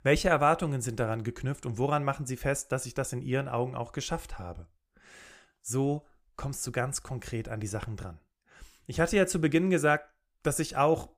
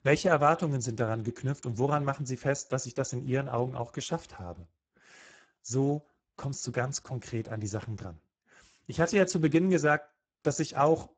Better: first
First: none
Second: garbled, watery; badly; nothing above 7.5 kHz

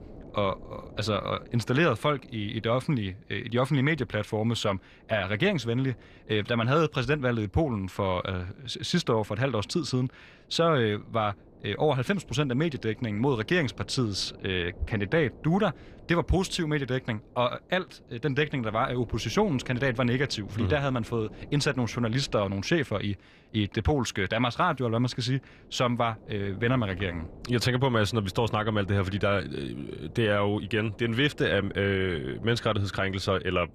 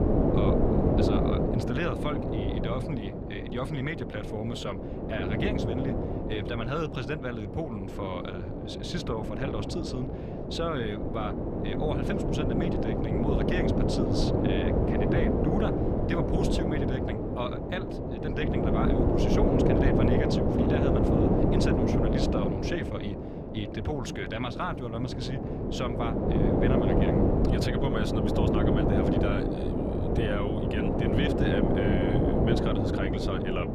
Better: first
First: wind noise on the microphone; occasional gusts; 25 dB below the speech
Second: wind noise on the microphone; heavy; 4 dB above the speech

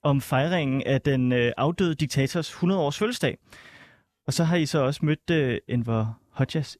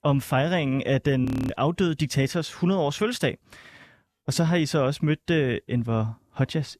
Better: first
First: none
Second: audio freezing; at 1.5 s

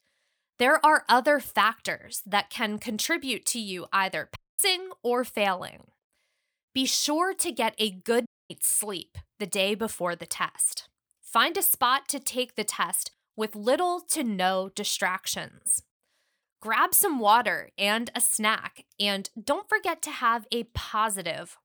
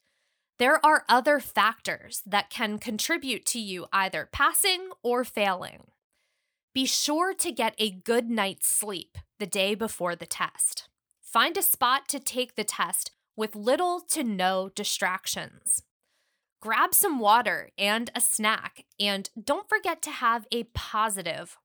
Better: second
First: audio cutting out; at 4.5 s and at 8.5 s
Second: none

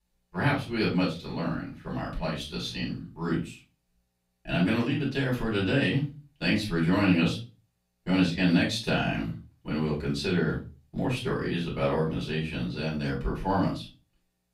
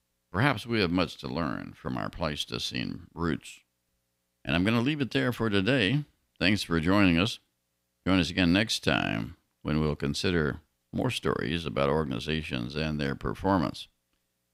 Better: second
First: off-mic speech; far // room echo; slight; dies away in 0.3 s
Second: none

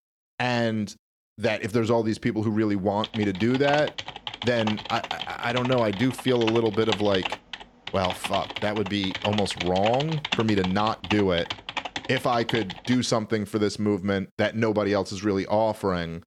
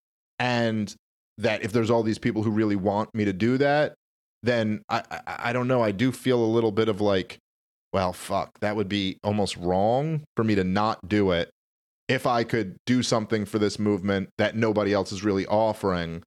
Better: second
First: keyboard typing; noticeable; from 3 to 13 s; peak 3 dB below the speech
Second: none

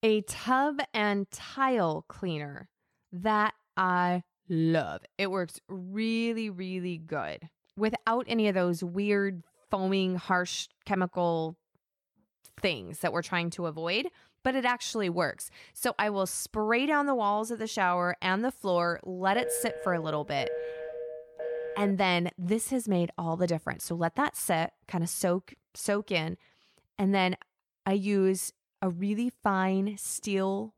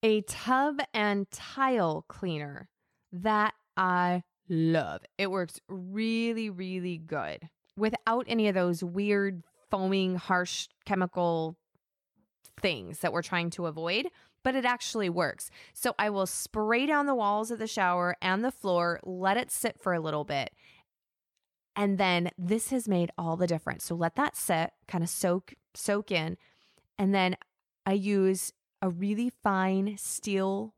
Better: second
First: phone ringing; noticeable; from 19 to 22 s; peak 5 dB below the speech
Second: none

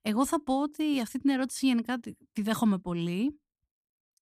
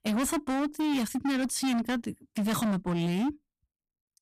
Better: first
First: none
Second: distortion; heavy; 27% of the sound clipped

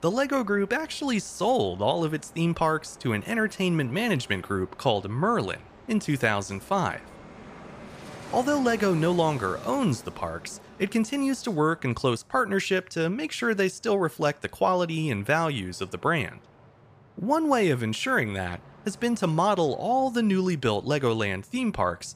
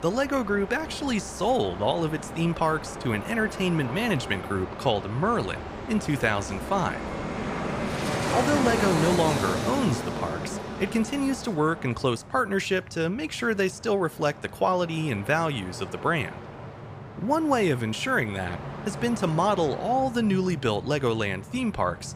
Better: first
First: train or aircraft noise; faint; throughout; 20 dB below the speech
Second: train or aircraft noise; loud; throughout; 7 dB below the speech

